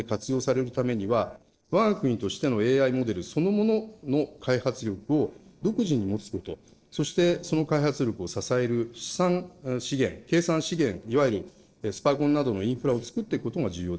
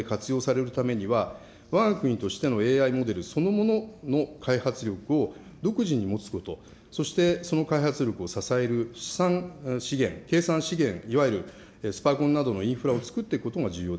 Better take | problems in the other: second | noise reduction (neural separator model SepFormer DNS4)

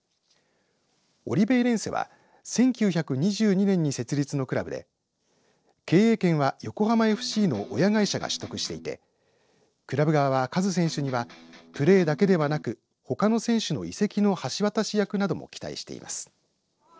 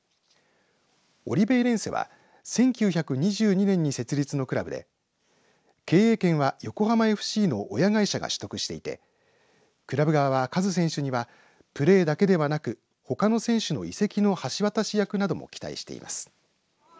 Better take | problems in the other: second | noise reduction (neural separator model SepFormer DNS4)

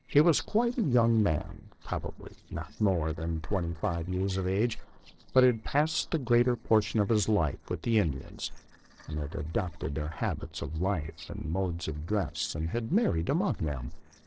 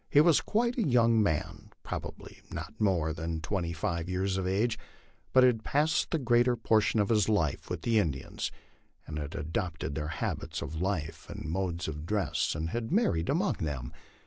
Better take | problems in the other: second | noise reduction (neural separator model SepFormer DNS4)

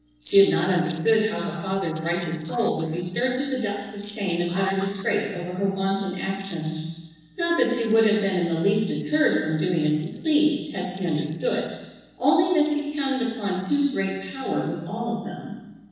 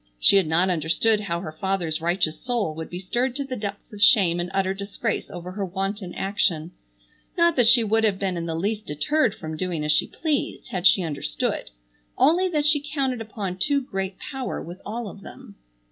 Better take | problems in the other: second | noise reduction (neural separator model SepFormer DNS4)

